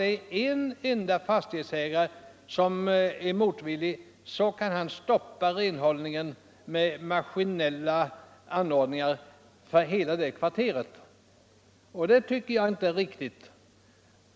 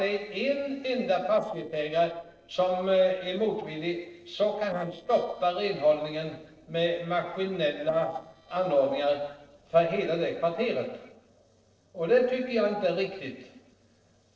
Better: first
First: none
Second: noise reduction (neural separator model SepFormer DNS4)

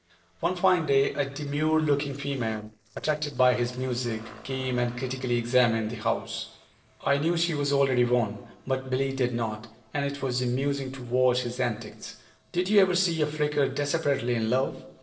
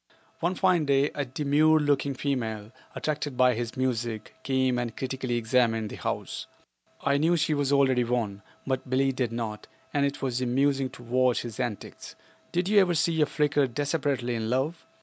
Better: second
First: noise reduction (neural separator model SepFormer DNS4)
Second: none

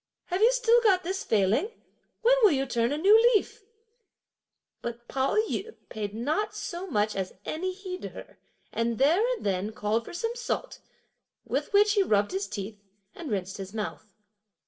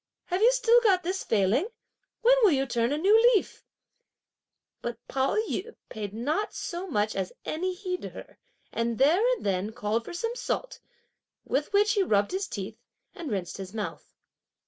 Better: second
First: room echo; dies away in 0.2 s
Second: none

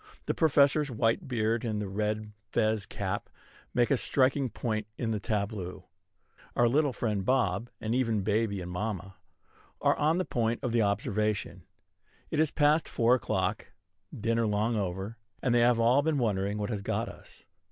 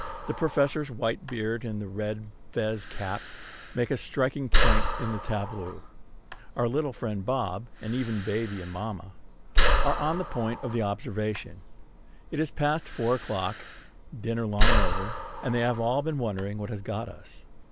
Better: first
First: none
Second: background sound (Breathing); 2 dB above the speech

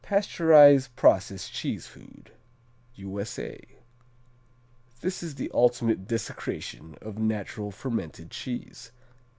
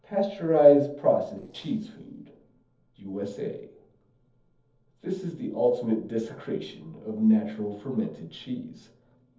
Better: first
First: none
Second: noise reduction (neural separator model SepFormer DNS4)

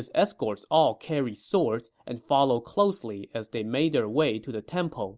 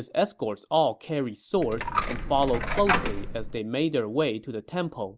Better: first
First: none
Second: background sound (Coin (dropping)); 1 dB below the speech

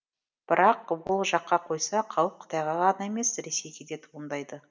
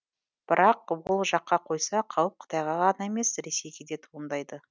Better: second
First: room echo; dies away in 0.5 s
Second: none

